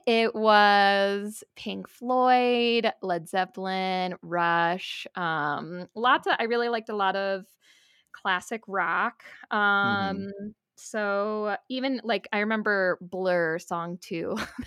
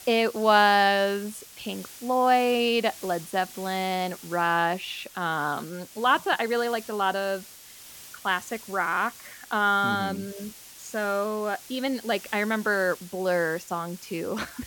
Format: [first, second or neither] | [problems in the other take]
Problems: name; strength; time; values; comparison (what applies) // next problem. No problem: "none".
first | hiss; noticeable; throughout; 15 dB below the speech